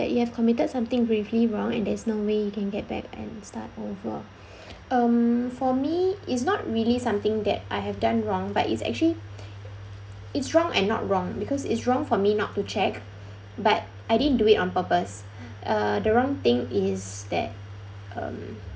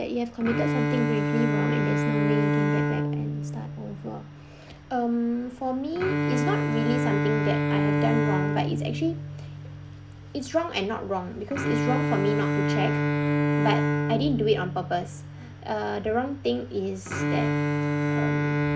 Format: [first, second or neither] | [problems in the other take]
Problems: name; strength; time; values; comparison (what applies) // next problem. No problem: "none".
first | background sound (Bowed string instrument); 3 dB above the speech